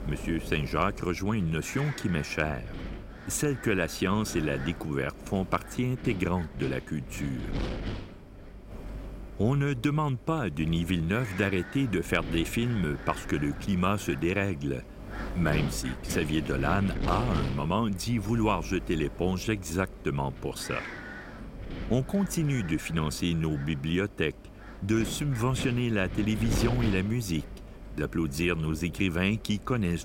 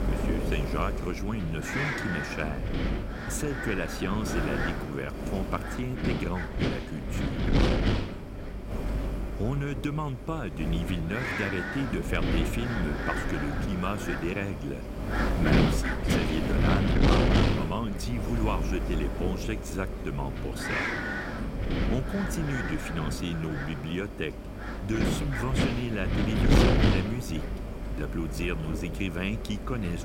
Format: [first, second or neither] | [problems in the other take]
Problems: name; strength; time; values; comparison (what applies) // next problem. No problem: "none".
first | wind noise on the microphone; heavy; 2 dB above the speech; occasional gusts in the first